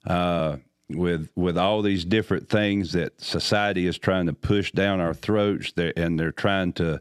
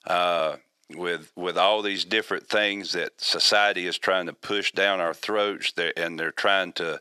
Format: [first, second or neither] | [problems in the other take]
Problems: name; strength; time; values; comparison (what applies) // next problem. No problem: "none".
first | thin; very; fading below 650 Hz